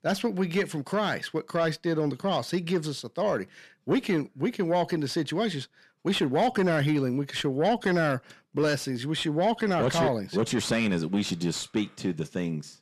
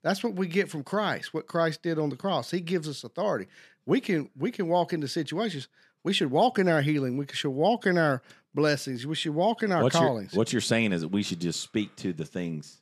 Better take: second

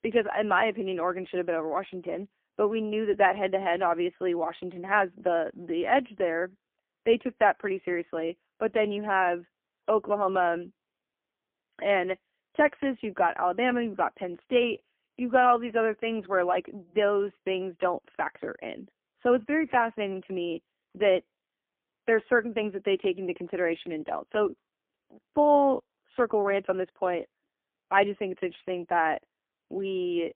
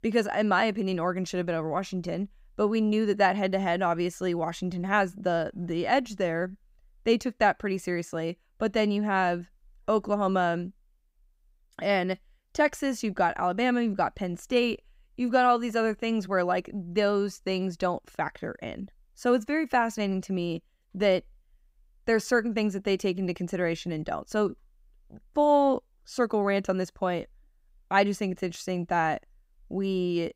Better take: second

